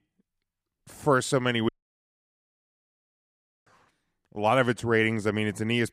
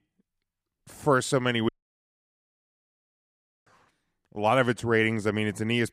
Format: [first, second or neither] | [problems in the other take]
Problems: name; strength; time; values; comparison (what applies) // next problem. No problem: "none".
neither | audio cutting out; at 1.5 s for 2 s; the same in both